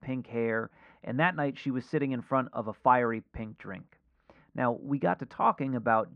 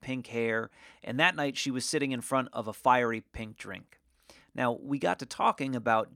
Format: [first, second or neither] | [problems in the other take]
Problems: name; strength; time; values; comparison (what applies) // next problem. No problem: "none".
second | muffled; very; fading above 1.5 kHz